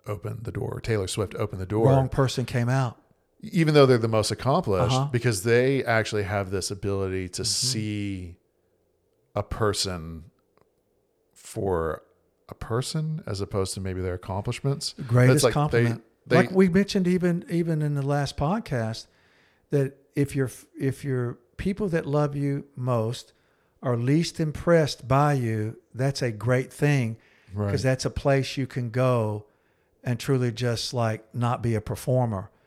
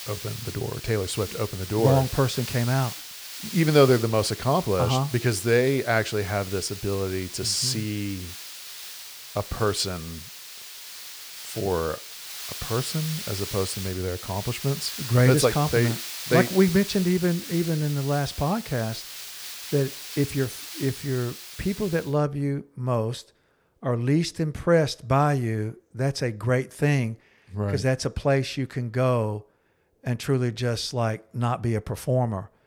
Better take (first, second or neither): first